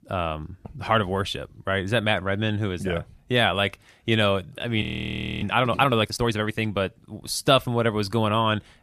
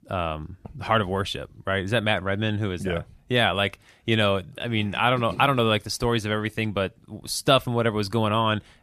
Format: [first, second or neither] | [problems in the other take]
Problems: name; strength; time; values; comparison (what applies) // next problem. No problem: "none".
second | audio freezing; at 5 s for 0.5 s